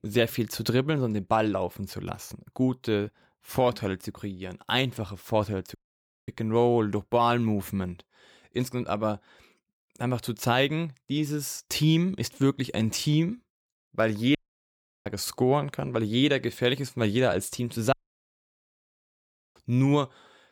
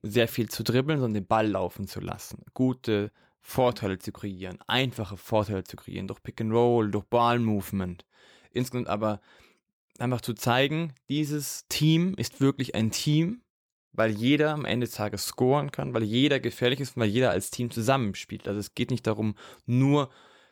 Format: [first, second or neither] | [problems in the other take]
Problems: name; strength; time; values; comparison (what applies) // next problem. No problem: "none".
second | audio cutting out; at 6 s for 0.5 s, at 14 s for 0.5 s and at 18 s for 1.5 s